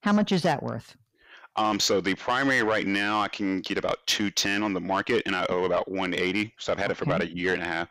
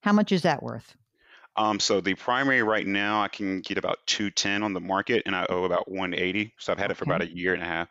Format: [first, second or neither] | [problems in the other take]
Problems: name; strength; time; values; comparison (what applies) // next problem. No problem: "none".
second | distortion; slight; 10 dB below the speech